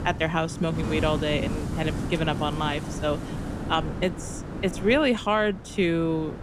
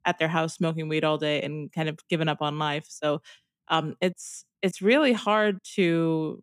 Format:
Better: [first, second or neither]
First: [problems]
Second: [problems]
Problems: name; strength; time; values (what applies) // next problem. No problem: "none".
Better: second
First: wind noise on the microphone; occasional gusts; 10 dB below the speech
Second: none